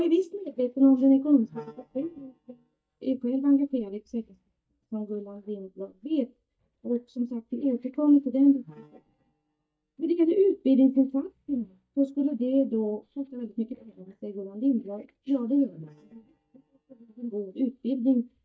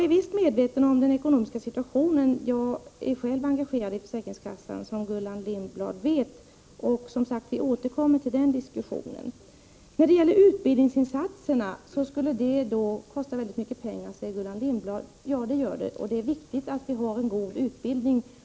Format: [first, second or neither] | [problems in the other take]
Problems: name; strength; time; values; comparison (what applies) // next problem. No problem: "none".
second | noise reduction (neural mask model DeepFilterNet 3)